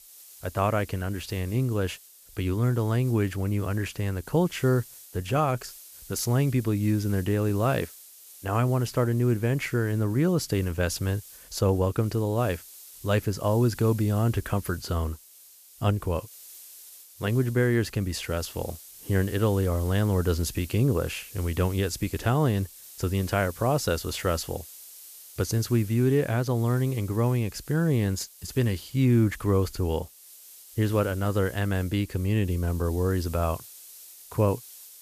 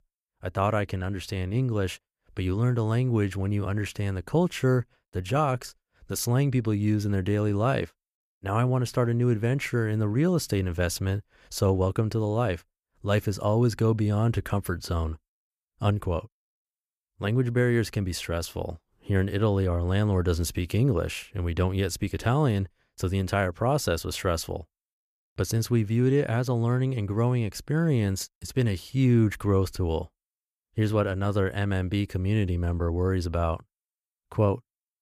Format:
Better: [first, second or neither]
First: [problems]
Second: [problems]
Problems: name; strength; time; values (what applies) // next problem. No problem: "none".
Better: second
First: hiss; noticeable; throughout; 20 dB below the speech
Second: none